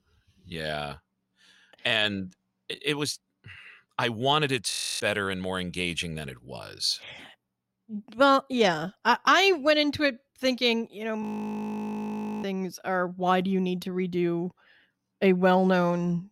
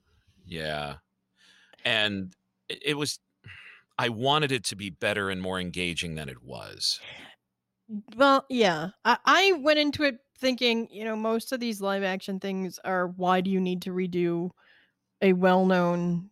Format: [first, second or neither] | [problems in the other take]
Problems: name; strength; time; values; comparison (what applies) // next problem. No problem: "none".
second | audio freezing; at 4.5 s and at 11 s for 1 s